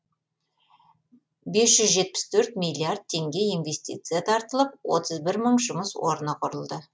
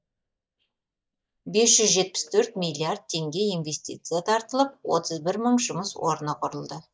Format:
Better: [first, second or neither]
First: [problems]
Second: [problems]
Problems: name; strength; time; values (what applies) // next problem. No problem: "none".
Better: first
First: none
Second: noise reduction (neural mask model DeepFilterNet 3)